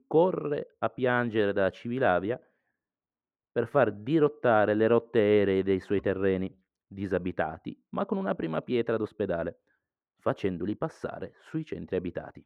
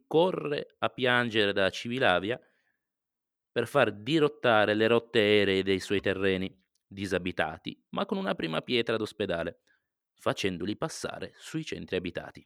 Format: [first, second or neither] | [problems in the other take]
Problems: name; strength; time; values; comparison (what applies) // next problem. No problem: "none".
second | muffled; very; fading above 2.5 kHz